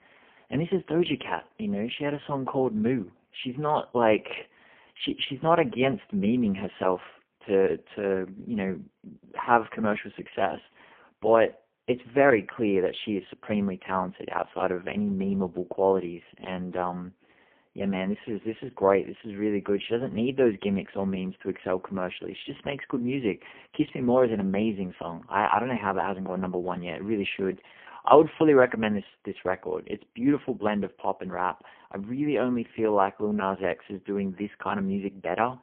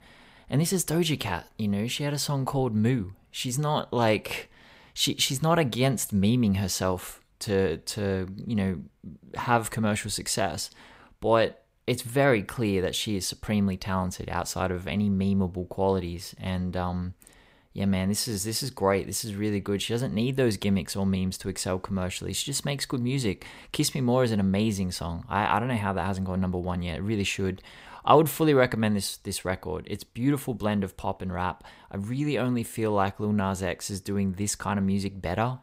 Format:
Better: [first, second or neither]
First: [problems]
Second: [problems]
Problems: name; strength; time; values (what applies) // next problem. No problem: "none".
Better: second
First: phone-call audio; poor line; nothing above 3 kHz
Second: none